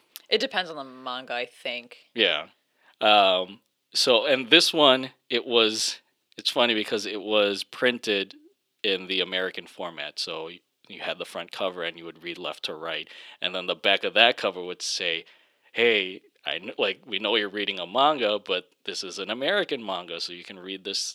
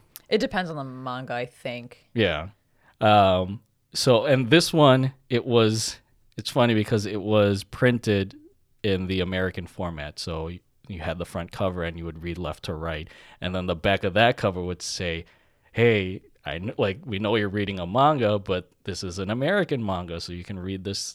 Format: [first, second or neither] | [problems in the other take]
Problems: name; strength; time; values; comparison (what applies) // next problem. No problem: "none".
second | thin; somewhat; fading below 300 Hz